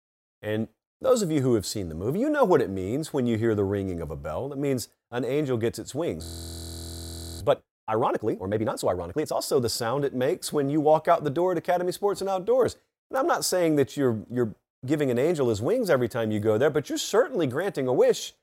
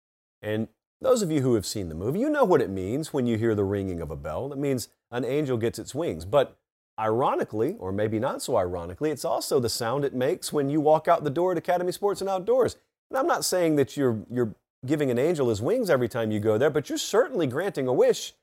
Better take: second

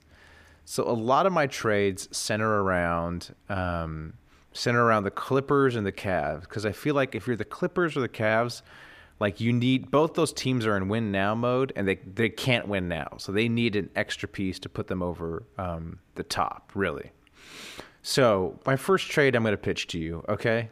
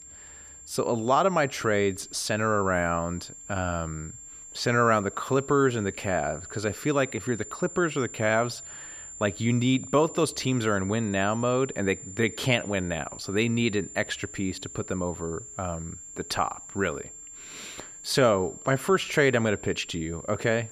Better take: first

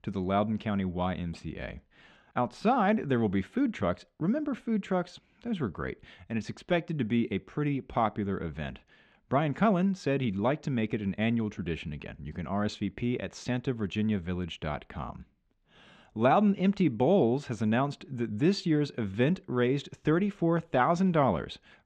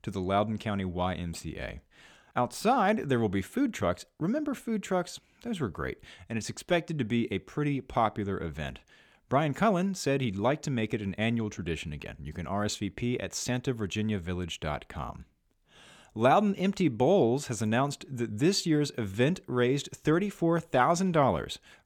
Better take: second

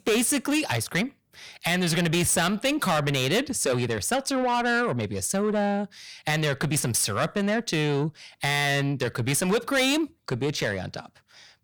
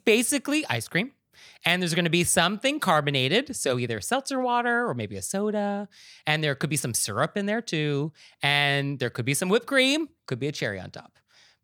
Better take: second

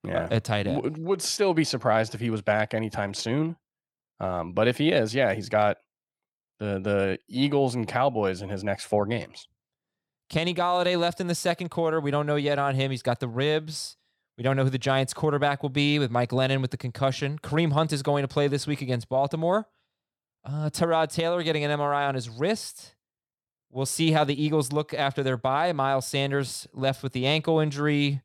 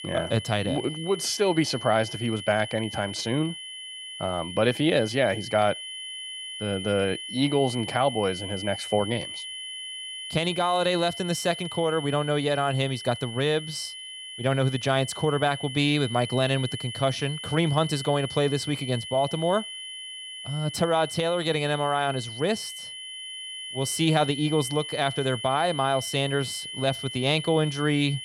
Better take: first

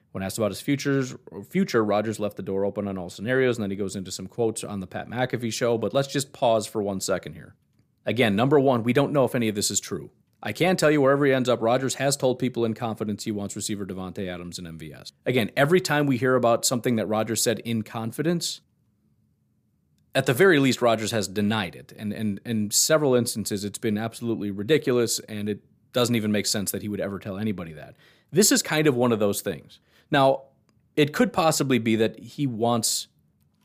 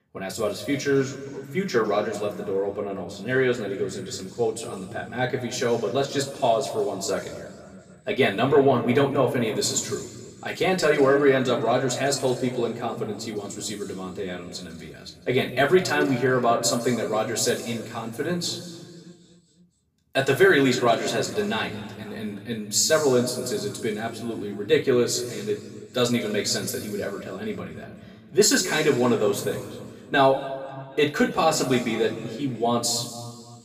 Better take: first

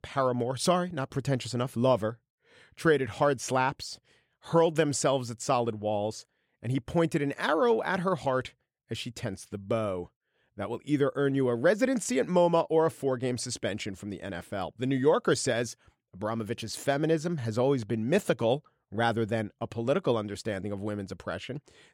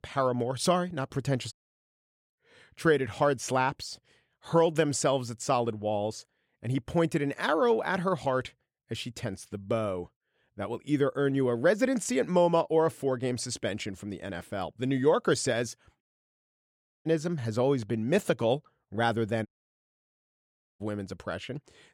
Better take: first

